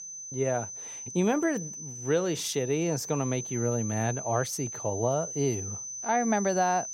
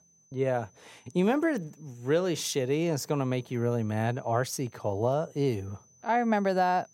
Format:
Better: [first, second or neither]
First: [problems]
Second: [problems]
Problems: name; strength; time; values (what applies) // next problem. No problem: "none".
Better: second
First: high-pitched whine; loud; throughout; 6 kHz, 7 dB below the speech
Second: high-pitched whine; faint; throughout; 6 kHz, 30 dB below the speech